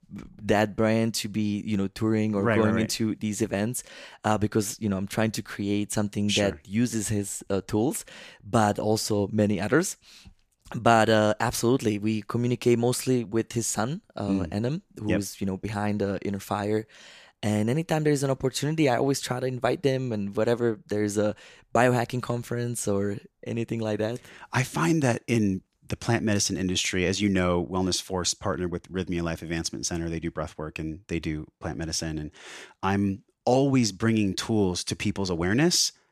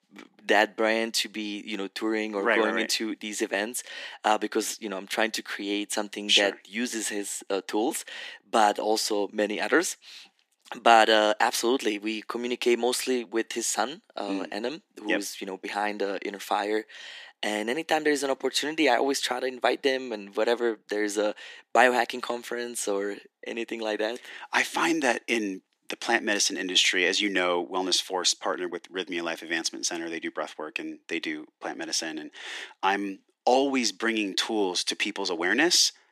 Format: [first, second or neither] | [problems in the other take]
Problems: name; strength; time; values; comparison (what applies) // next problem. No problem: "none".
first | thin; somewhat; fading below 250 Hz